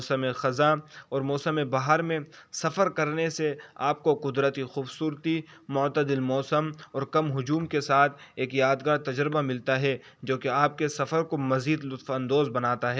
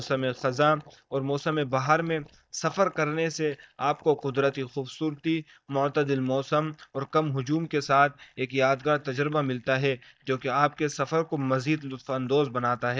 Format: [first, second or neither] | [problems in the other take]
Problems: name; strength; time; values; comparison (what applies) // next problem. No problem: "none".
first | noise reduction (neural mask model DeepFilterNet 3)